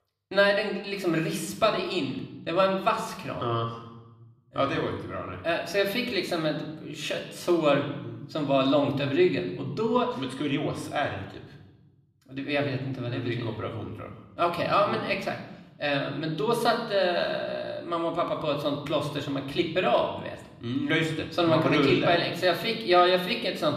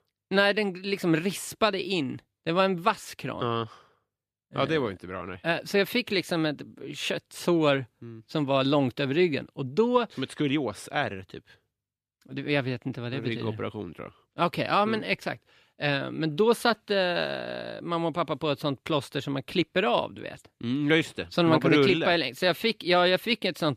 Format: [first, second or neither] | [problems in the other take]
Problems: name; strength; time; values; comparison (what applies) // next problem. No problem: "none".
second | room echo; slight; dies away in 0.9 s // off-mic speech; somewhat distant